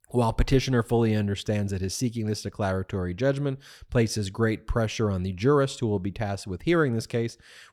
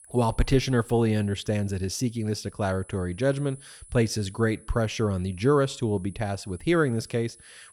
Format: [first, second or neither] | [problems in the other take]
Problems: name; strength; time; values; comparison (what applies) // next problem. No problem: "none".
first | high-pitched whine; faint; throughout; 10 kHz, 25 dB below the speech